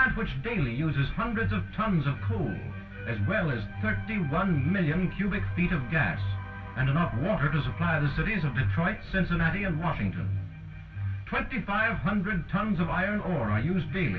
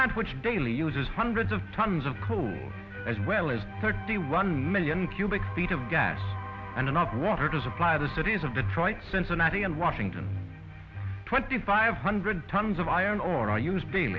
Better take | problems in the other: second | room echo; dies away in 0.1 s

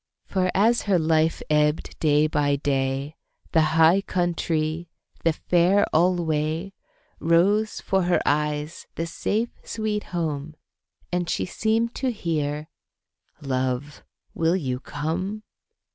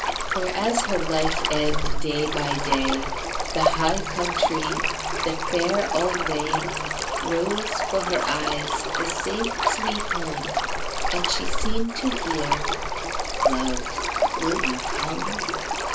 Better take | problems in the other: first | background sound (Stream); 4 dB above the speech // room echo; dies away in 0.3 s

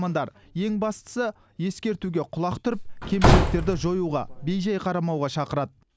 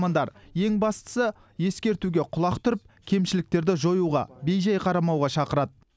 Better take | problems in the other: second | background sound (Slam / Wood); 4 dB above the speech

